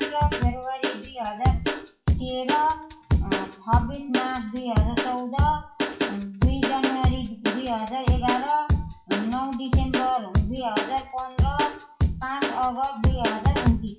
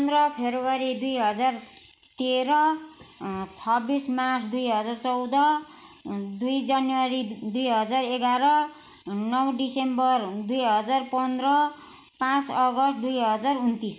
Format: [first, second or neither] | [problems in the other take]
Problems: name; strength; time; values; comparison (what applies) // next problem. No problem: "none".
second | noise reduction (classical method WPE with log-MMSE)